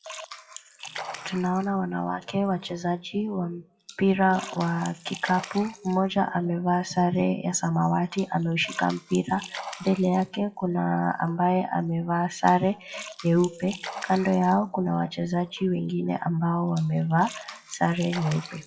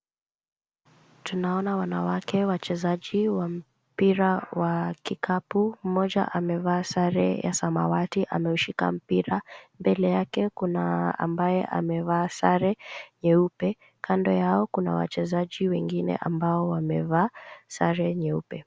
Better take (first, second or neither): second